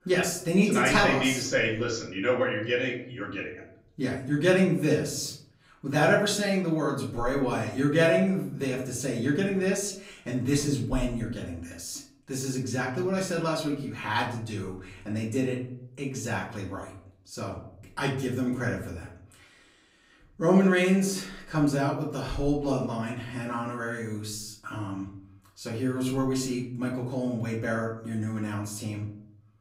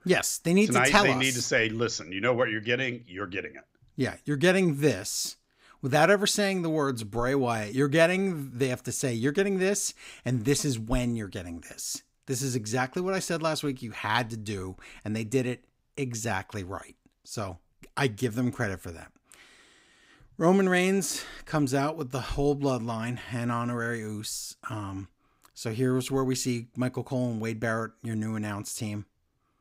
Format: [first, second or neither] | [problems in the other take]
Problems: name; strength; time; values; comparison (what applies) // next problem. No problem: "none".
second | off-mic speech; far // room echo; slight; dies away in 0.6 s